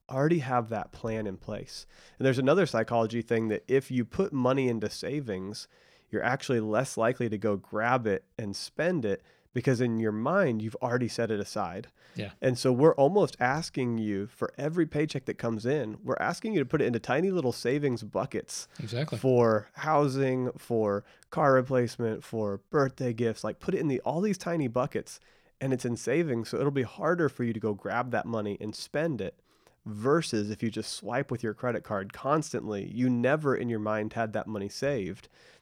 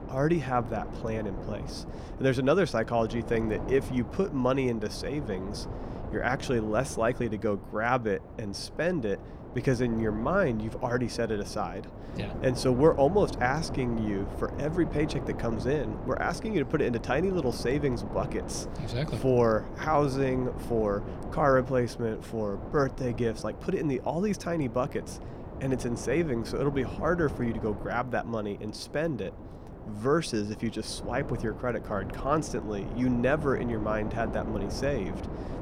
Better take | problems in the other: first | wind noise on the microphone; occasional gusts; 10 dB below the speech

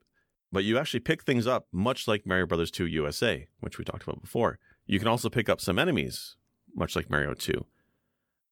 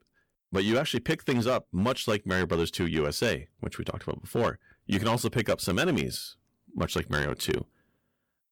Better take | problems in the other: first | distortion; slight; 6% of the sound clipped

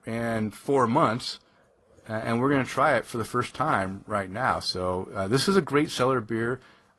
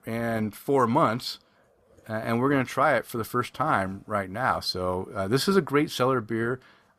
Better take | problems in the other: second | garbled, watery; slightly; nothing above 11.5 kHz

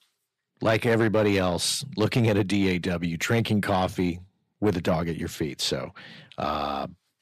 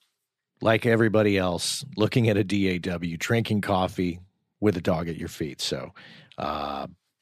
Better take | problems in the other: second | distortion; slight; 10 dB below the speech

